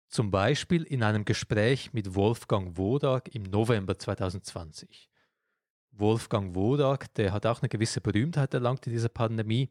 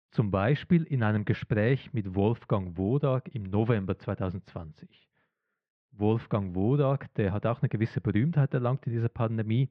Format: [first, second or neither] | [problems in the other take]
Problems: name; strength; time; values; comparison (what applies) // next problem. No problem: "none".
first | muffled; very; fading above 3 kHz